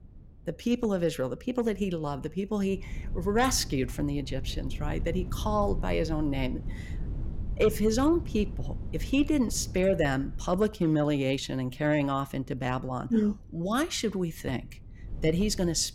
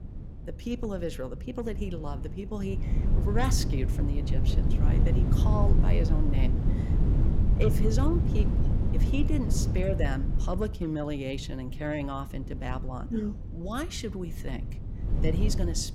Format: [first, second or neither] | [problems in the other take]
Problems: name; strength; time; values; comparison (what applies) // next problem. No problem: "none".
first | wind noise on the microphone; heavy; 5 dB below the speech; occasional gusts in the first